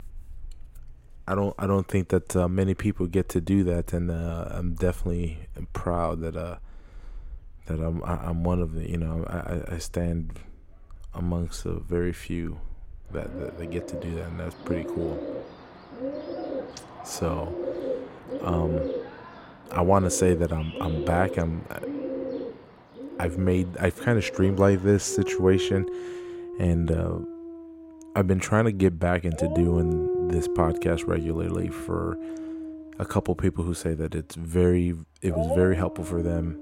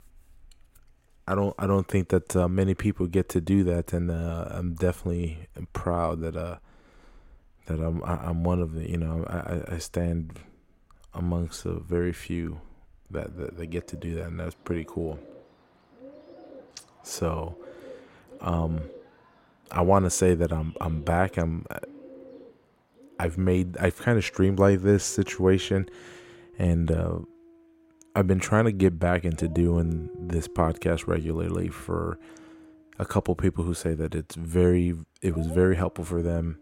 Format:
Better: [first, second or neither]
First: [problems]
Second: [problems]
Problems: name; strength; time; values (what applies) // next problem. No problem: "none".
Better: second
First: animal sounds; loud; throughout; 8 dB below the speech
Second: animal sounds; faint; throughout; 20 dB below the speech